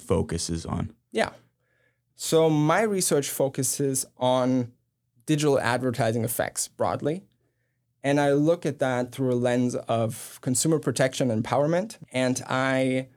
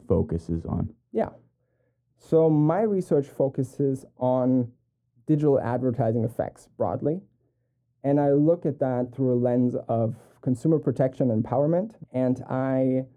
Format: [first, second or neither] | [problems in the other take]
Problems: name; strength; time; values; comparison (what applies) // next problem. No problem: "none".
first | muffled; very; fading above 1.5 kHz